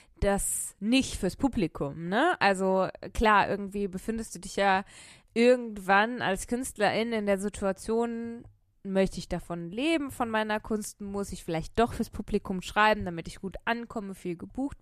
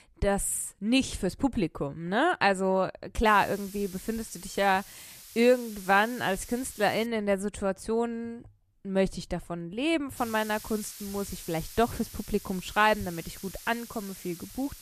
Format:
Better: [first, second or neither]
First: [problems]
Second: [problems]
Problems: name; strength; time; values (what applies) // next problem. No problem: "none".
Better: first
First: none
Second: hiss; noticeable; from 3.5 to 7 s and from 10 s on; 15 dB below the speech